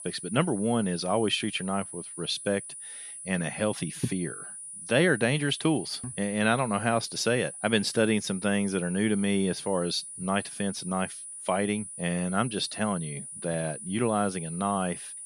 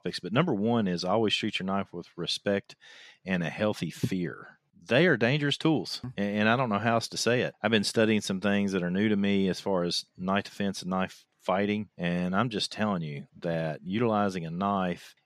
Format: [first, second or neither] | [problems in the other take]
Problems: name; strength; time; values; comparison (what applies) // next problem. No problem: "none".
second | high-pitched whine; loud; throughout; 9.5 kHz, 10 dB below the speech